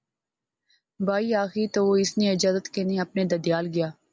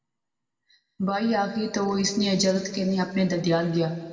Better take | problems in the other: first | room echo; dies away in 1.7 s

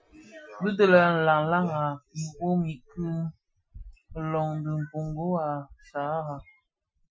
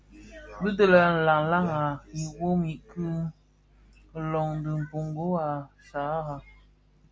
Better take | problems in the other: second | noise reduction (classical method Wiener filter)

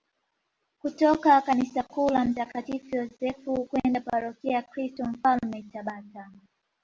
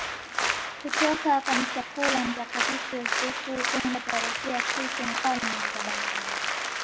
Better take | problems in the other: first | background sound (Applause); 2 dB above the speech

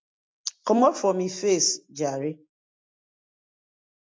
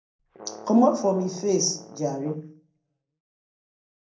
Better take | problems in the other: first | background sound (Brass instrument); 19 dB below the speech // room echo; dies away in 0.6 s

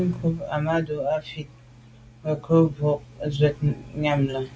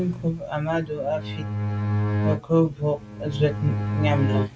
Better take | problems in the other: first | background sound (Bowed string instrument); as loud as the speech

